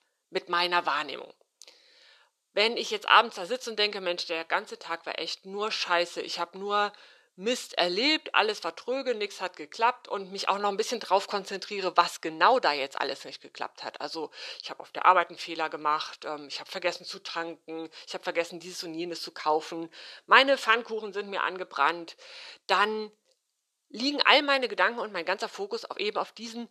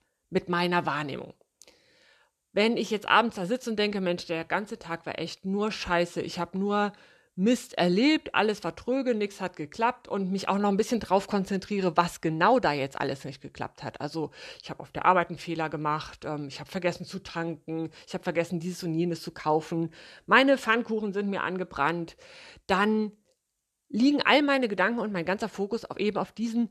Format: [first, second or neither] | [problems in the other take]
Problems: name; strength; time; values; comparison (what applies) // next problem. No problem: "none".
second | thin; somewhat; fading below 450 Hz